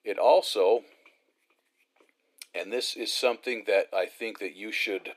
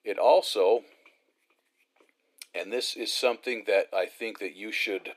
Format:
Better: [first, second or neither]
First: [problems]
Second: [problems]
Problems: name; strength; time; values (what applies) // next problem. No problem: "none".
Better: neither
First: thin; very; fading below 400 Hz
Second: thin; very; fading below 400 Hz